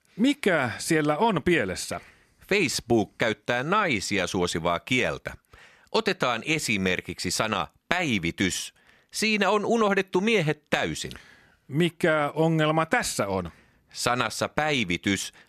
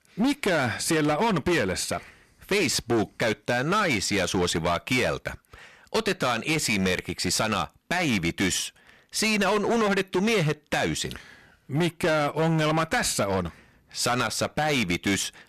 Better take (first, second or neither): first